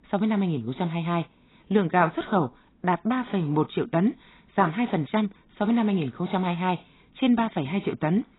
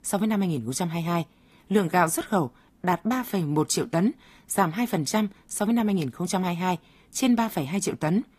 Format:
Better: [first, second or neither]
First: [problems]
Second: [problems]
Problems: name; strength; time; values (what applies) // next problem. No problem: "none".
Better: second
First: garbled, watery; badly; nothing above 4 kHz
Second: garbled, watery; slightly; nothing above 14.5 kHz